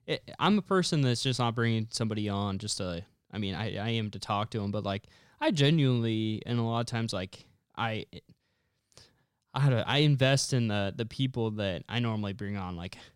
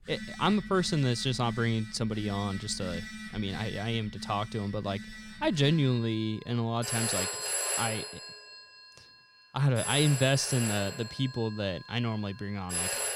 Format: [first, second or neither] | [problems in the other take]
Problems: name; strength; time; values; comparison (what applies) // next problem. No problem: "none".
first | alarms or sirens; loud; throughout; 6 dB below the speech